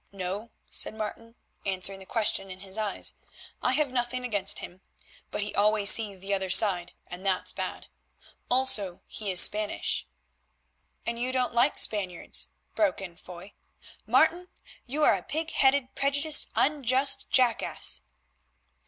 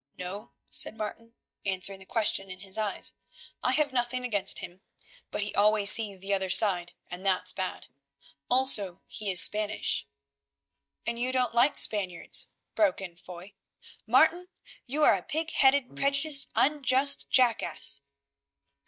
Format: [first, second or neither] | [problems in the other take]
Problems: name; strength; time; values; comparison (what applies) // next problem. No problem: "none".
first | noise reduction (neural mask model DeepFilterNet 3)